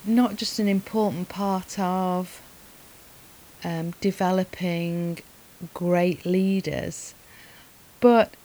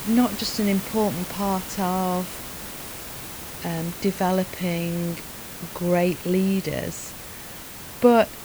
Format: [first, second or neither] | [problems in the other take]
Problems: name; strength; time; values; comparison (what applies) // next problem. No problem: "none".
first | hiss; loud; throughout; 10 dB below the speech; faint in the first